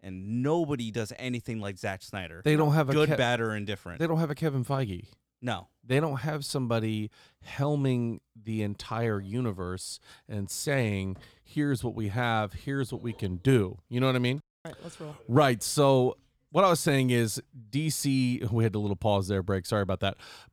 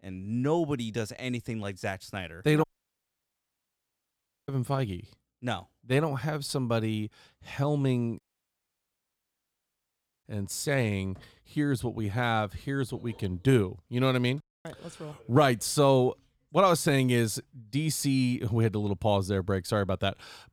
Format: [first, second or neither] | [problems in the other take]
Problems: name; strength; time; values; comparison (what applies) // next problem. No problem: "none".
first | audio cutting out; at 2.5 s for 2 s and at 8 s for 2 s